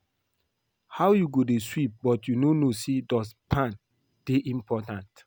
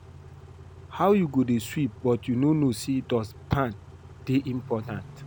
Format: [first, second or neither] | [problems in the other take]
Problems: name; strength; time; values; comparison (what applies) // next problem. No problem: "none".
first | background sound (Idling / Accelerating, revving, vroom / Car); 17 dB below the speech